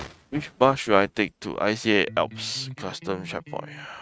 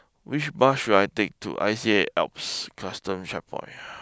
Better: second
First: noise reduction (neural mask model RNNoise)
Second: none

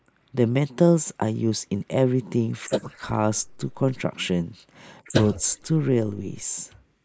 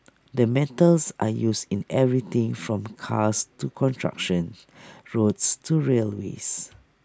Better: second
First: noise reduction (neural mask model Resemble Enhance denoiser)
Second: none

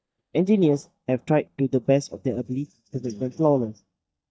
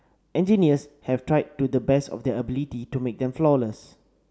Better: second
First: noise reduction (neural mask model DeepFilterNet 3)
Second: none

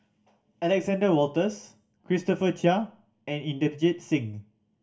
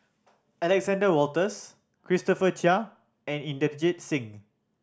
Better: second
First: room echo; dies away in 0.2 s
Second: none

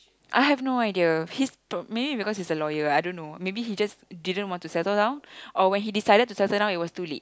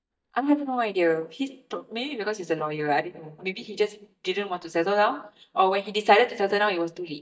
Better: first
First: none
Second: noise reduction (neural mask model DeepFilterNet 3)

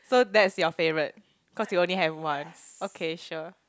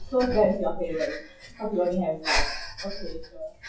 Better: first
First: none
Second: noise reduction (classical method WPE with log-MMSE)

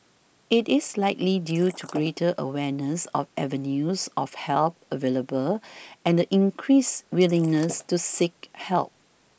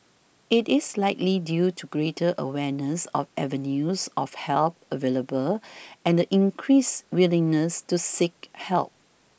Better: second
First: noise reduction (neural mask model Resemble Enhance denoiser)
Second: none

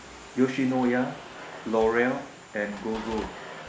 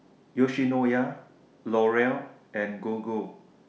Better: second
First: background sound (Domestic sounds, home sounds); 14 dB below the speech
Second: none

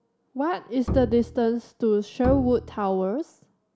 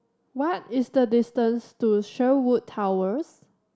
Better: second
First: background sound (Bowed string instrument); 8 dB below the speech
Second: none

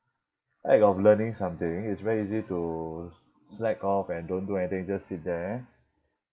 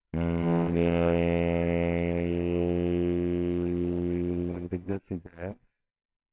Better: first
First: none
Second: noise reduction (neural separator model SepFormer WHAMR!)

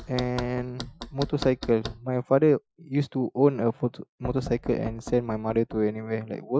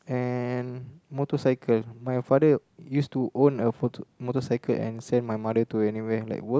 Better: second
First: noise reduction (classical method Wiener filter)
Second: none

